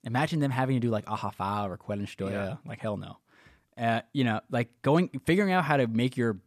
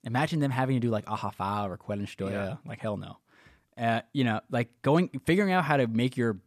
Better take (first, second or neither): neither